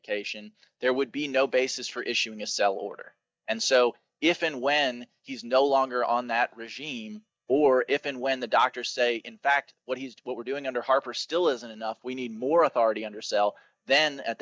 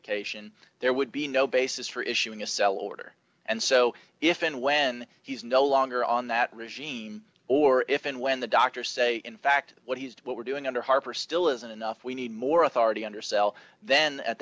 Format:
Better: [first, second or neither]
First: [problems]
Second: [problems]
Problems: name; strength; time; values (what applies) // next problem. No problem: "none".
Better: second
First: noise reduction (neural mask model DeepFilterNet 3)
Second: none